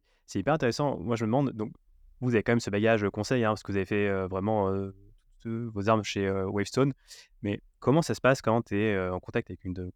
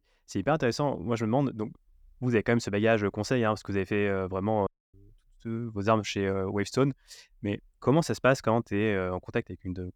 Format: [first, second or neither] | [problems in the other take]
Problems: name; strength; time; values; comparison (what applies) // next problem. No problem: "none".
first | audio cutting out; at 4.5 s